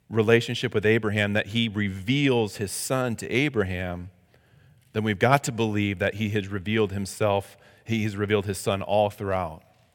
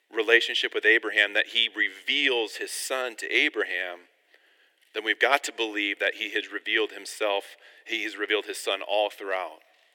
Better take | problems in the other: first | thin; very; fading below 300 Hz

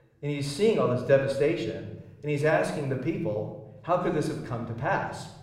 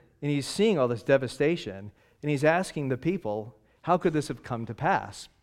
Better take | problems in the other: second | room echo; noticeable; dies away in 0.8 s

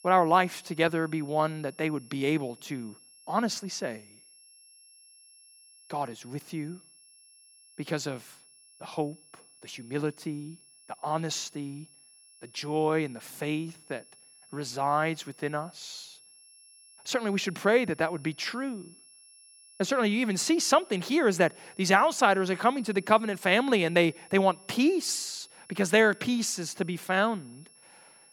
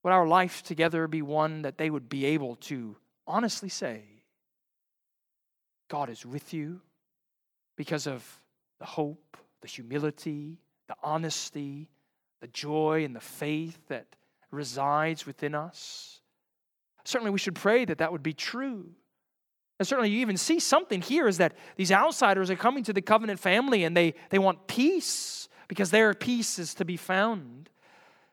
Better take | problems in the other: second | high-pitched whine; faint; throughout; 11 kHz, 25 dB below the speech

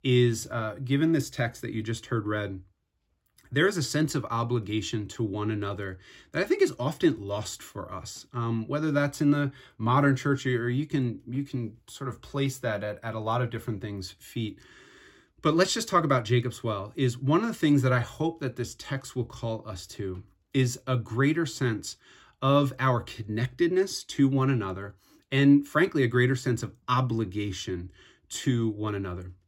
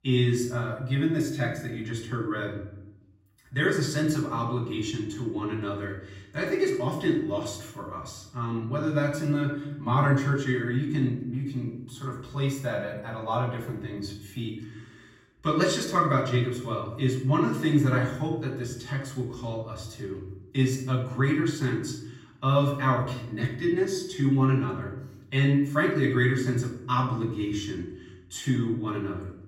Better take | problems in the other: first | off-mic speech; far // room echo; noticeable; dies away in 0.6 s

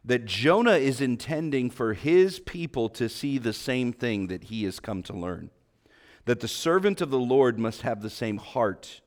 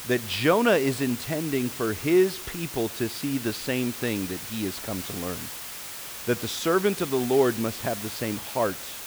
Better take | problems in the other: first | hiss; loud; throughout; 8 dB below the speech

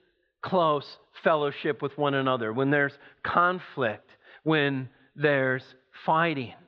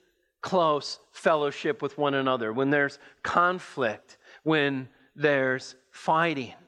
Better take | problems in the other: second | muffled; slightly; fading above 4 kHz

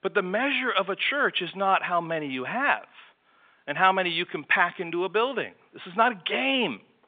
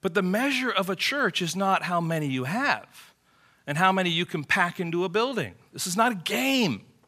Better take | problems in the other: second | phone-call audio

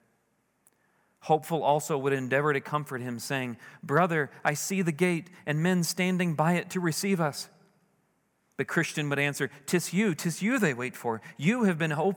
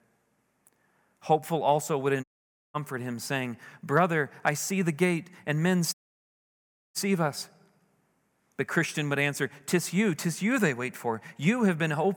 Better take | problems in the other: first | audio cutting out; at 2 s for 0.5 s and at 6 s for 1 s

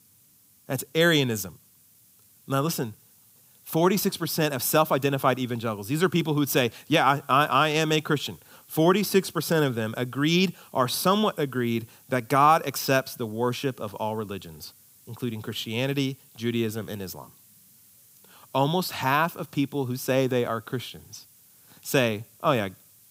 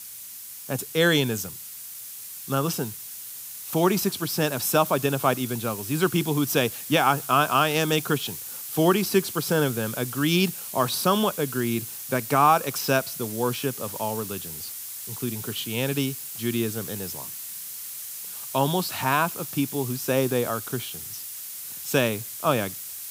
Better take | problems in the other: first | hiss; loud; throughout; 9 dB below the speech; faint in the first

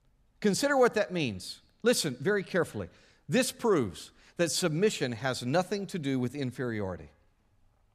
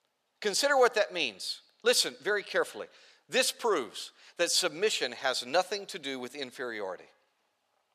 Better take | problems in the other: first | thin; very; fading below 600 Hz

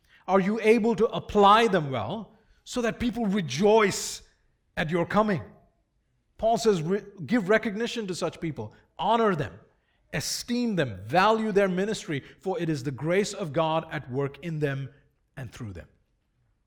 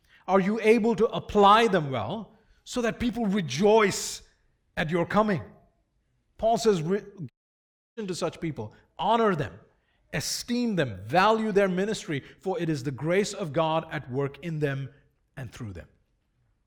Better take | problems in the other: first | audio cutting out; at 7.5 s for 0.5 s

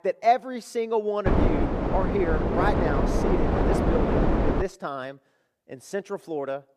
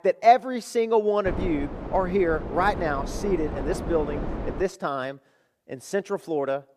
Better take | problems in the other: second | wind noise on the microphone; heavy; from 1.5 to 4.5 s; 1 dB above the speech; occasional gusts in the second

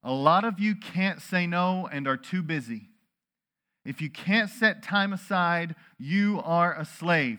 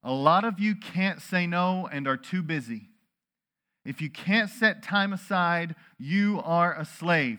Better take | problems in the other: neither | none

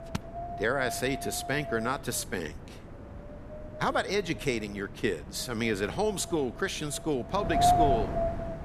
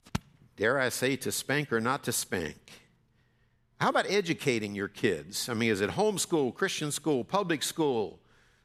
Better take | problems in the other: second | wind noise on the microphone; heavy; 2 dB above the speech

